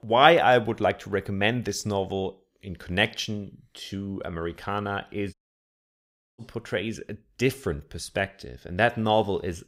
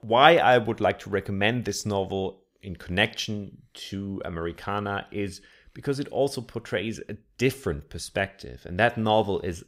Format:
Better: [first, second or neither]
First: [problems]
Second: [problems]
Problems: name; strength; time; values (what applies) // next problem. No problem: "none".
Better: second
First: audio cutting out; at 5.5 s for 1 s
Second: none